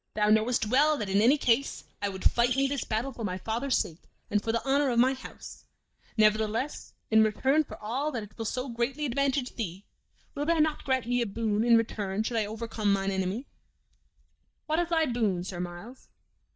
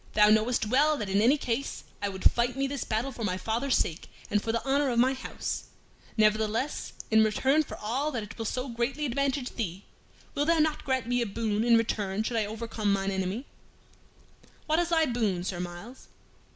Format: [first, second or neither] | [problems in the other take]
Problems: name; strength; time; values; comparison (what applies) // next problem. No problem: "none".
second | noise reduction (neural mask model DeepFilterNet 3)